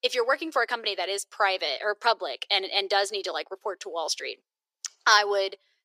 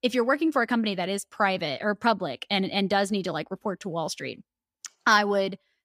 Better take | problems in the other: second | thin; very; fading below 400 Hz

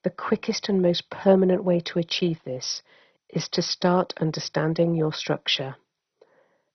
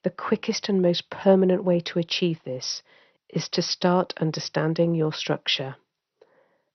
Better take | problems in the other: second | garbled, watery; badly; nothing above 6 kHz; slightly in the second

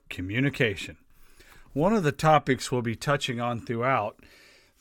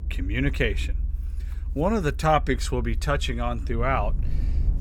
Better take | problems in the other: first | low rumble; faint; throughout; 25 dB below the speech

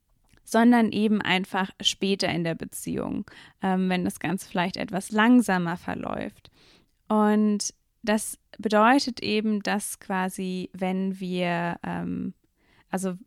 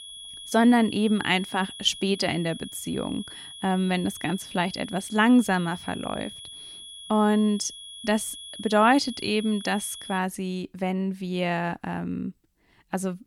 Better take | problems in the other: first | high-pitched whine; noticeable; until 10 s; 3.5 kHz, 15 dB below the speech

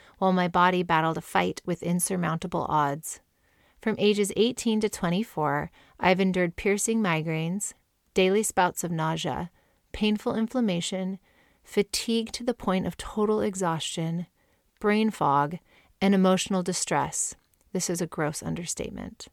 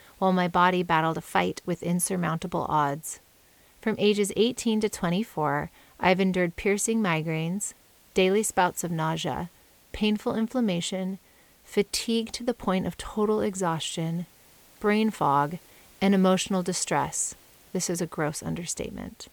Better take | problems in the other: first | hiss; faint; throughout; 30 dB below the speech

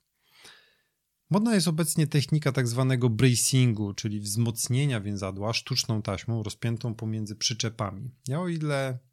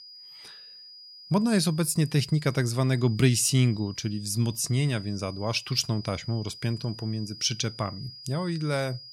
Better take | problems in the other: first | high-pitched whine; noticeable; throughout; 5 kHz, 15 dB below the speech

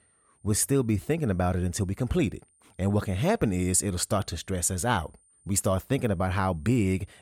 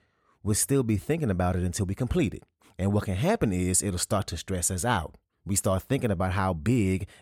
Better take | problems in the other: second | high-pitched whine; faint; throughout; 9 kHz, 35 dB below the speech

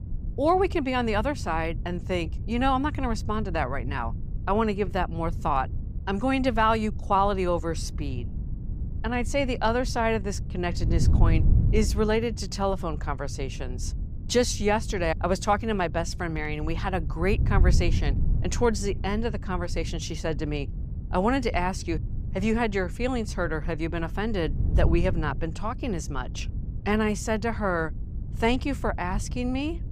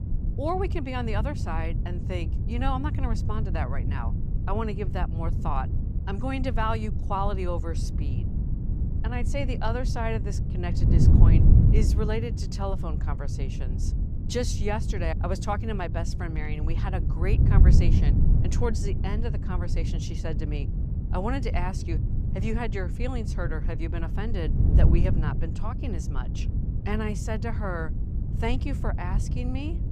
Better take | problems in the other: first | wind noise on the microphone; heavy; 6 dB below the speech; occasional gusts in the first

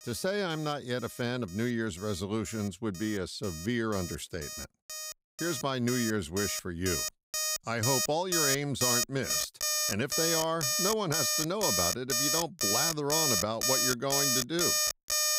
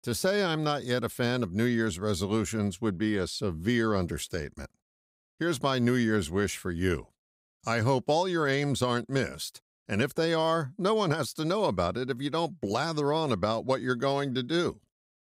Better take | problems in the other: second | alarms or sirens; very loud; throughout; 4 dB above the speech

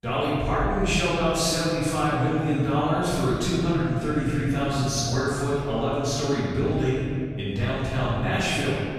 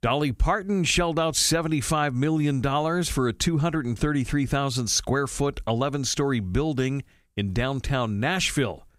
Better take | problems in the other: second | off-mic speech; far // room echo; strong; dies away in 2.1 s

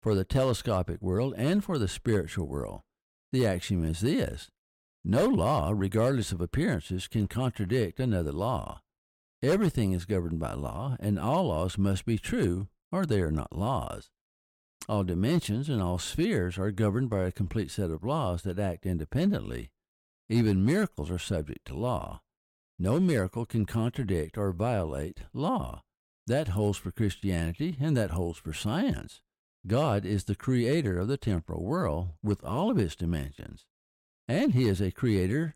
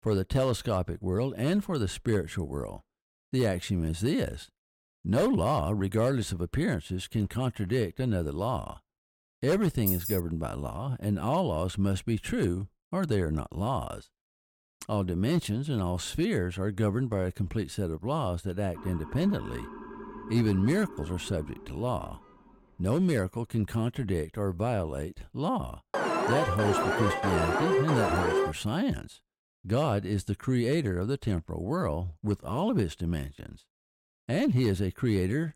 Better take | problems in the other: first | jangling keys; noticeable; at 10 s; peak level with the speech // siren; faint; from 19 to 23 s; peak 15 dB below the speech // alarm; loud; from 26 to 29 s; peak 3 dB above the speech

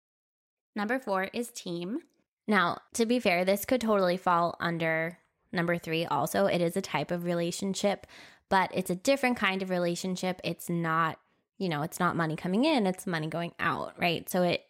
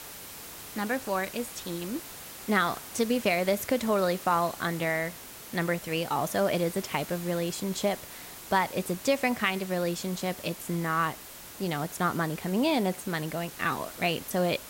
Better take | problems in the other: first | hiss; noticeable; throughout; 10 dB below the speech

